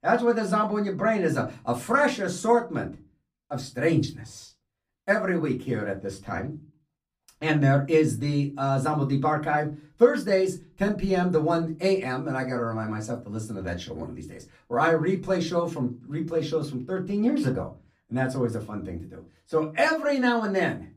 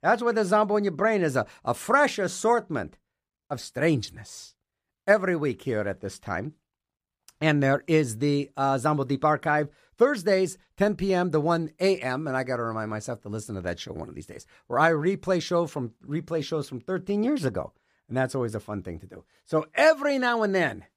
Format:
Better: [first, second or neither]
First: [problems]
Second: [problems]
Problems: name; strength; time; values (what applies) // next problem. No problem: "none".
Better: second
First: off-mic speech; far // room echo; very slight; dies away in 0.2 s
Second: none